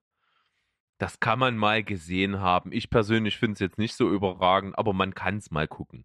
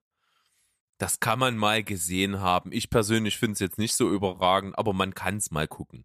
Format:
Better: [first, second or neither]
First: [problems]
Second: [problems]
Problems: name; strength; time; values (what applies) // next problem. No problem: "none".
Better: second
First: muffled; slightly; fading above 2.5 kHz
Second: none